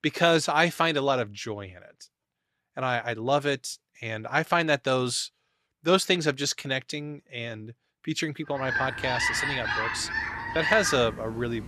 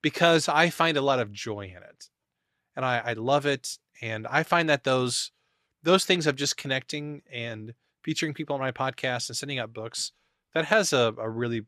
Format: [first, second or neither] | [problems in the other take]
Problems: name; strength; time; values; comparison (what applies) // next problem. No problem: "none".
second | animal sounds; loud; from 8.5 s on; 2 dB below the speech